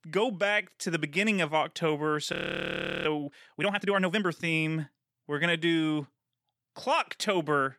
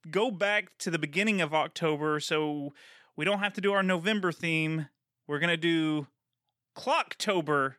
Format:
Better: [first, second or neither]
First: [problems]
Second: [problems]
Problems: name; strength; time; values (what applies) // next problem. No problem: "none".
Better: second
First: audio freezing; at 2.5 s for 0.5 s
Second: none